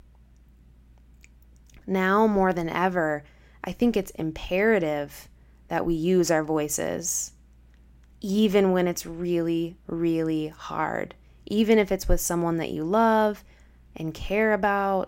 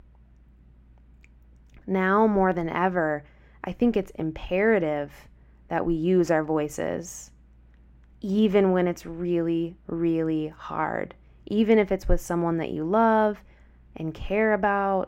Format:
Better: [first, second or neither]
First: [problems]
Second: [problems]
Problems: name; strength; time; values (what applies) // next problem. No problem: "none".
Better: first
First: none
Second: muffled; slightly; fading above 3.5 kHz